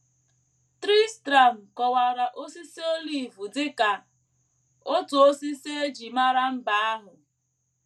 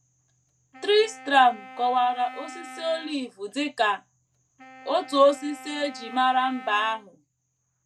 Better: first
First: none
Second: background sound (Wind instrument, woodwind instrument); 18 dB below the speech

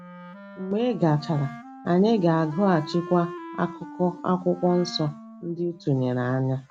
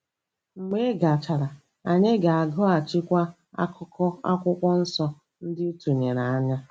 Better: second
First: background sound (Wind instrument, woodwind instrument); 16 dB below the speech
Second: none

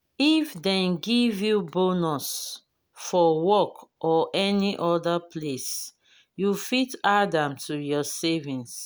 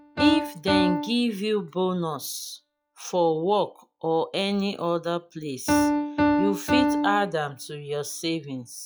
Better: first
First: none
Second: noise reduction (classical method log-MMSE)

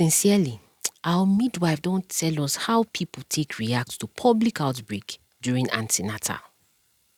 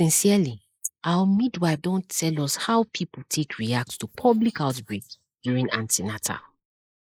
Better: first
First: none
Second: noise reduction (neural mask model Resemble Enhance denoiser)

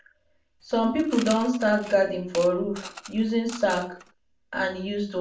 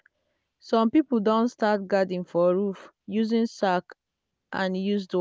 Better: second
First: background sound (Coin (dropping) / Mechanisms); 16 dB below the speech // room echo; dies away in 0.4 s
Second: none

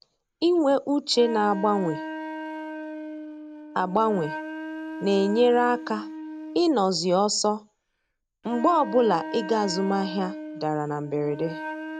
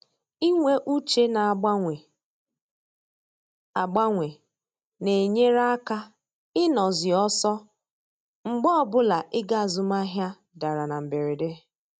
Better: second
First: background sound (Wind instrument, woodwind instrument); 11 dB below the speech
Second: none

